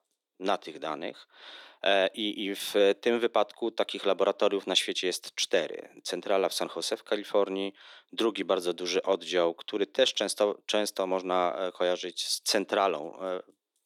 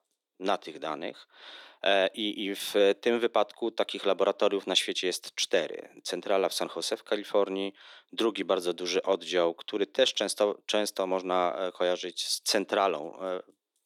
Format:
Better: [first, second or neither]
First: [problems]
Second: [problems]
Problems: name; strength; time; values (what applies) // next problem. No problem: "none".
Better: neither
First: thin; somewhat; fading below 300 Hz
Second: thin; somewhat; fading below 300 Hz